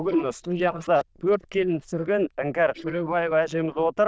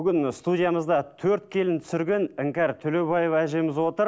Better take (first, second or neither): second